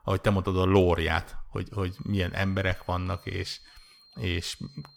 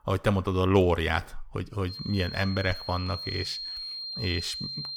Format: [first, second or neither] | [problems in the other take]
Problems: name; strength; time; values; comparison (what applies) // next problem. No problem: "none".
first | high-pitched whine; loud; from 2 s on; 4 kHz, 7 dB below the speech; faint in the first